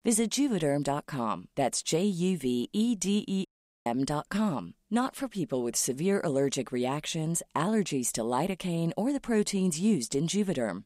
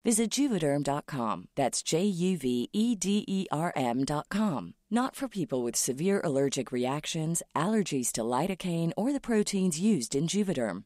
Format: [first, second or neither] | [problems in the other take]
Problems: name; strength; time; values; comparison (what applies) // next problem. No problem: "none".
second | audio cutting out; at 3.5 s